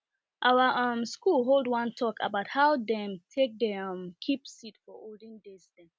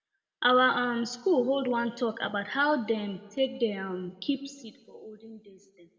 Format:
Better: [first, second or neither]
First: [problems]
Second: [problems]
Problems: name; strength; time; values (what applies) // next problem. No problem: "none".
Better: first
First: none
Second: room echo; dies away in 0.9 s